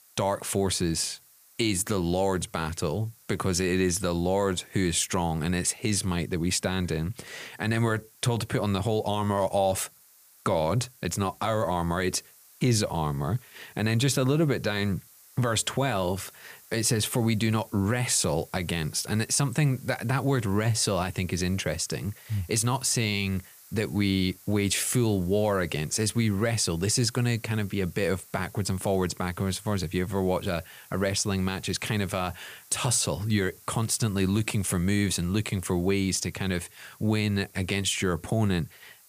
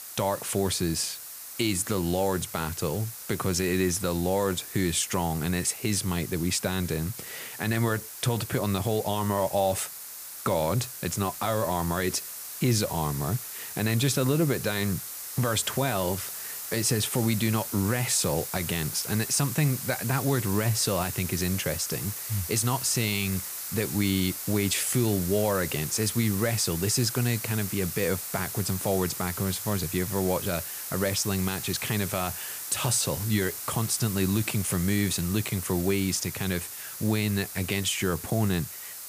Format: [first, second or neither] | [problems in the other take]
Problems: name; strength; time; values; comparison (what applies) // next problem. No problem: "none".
first | hiss; loud; throughout; 7 dB below the speech; faint in the first